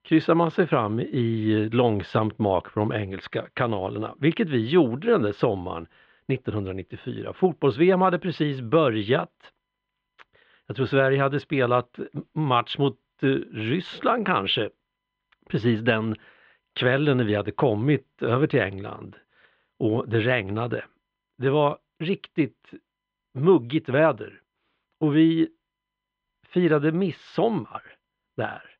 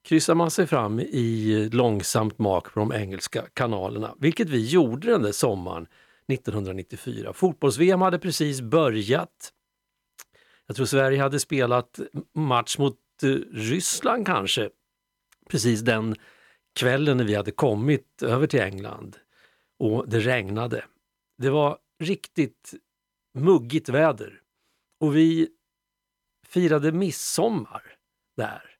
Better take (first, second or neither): second